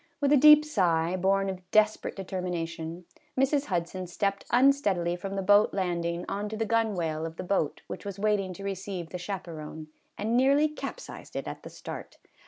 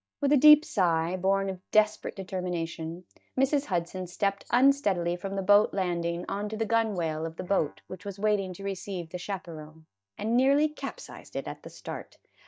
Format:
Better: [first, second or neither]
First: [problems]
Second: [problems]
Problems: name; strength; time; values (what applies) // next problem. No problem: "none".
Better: first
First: none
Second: noise reduction (neural mask model DeepFilterNet 3)